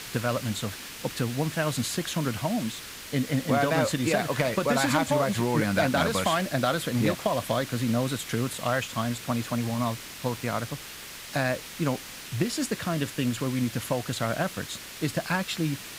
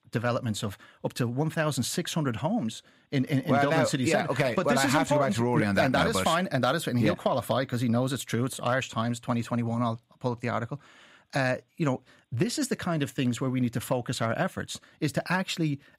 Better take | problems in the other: second | hiss; noticeable; throughout; 10 dB below the speech

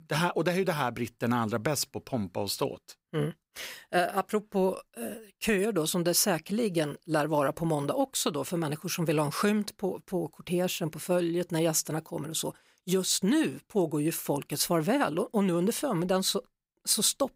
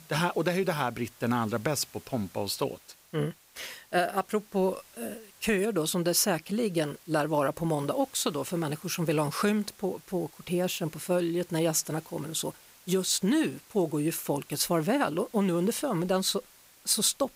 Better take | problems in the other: first | hiss; faint; throughout; 25 dB below the speech

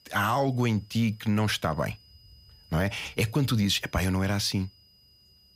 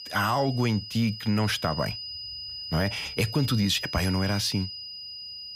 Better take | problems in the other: first | high-pitched whine; loud; throughout; 5 kHz, 8 dB below the speech; faint in the first

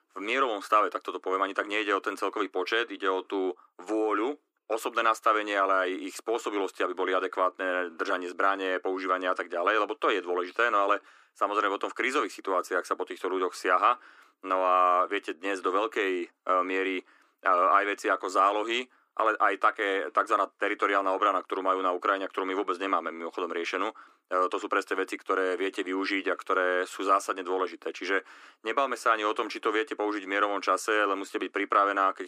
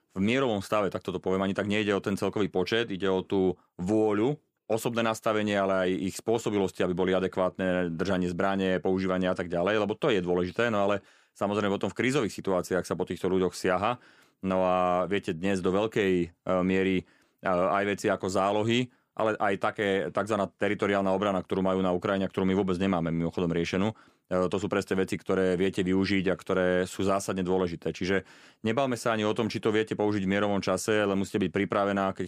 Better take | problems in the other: second | thin; somewhat; fading below 300 Hz

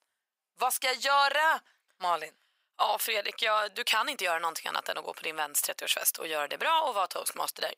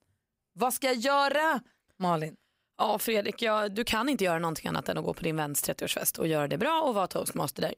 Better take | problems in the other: second | thin; very; fading below 900 Hz

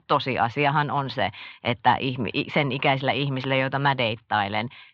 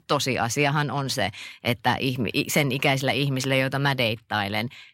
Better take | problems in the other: second | muffled; very; fading above 3.5 kHz

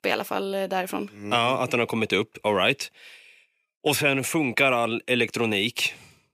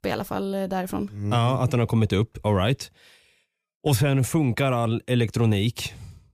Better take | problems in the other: second | thin; somewhat; fading below 300 Hz

